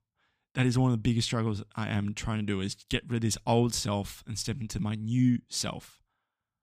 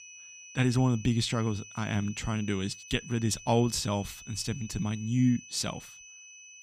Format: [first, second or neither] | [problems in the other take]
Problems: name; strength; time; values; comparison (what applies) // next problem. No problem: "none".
first | high-pitched whine; noticeable; throughout; 6 kHz, 15 dB below the speech